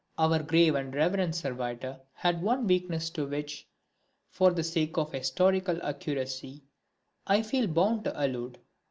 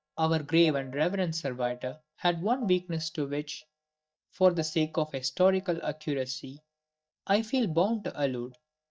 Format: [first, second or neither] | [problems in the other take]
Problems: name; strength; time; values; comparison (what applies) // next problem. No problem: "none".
first | noise reduction (neural mask model DeepFilterNet 3)